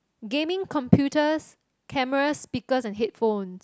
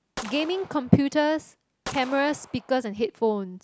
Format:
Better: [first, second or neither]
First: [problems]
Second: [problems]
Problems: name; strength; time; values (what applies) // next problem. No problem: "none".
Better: first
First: none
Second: background sound (Gunshot, gunfire); 17 dB below the speech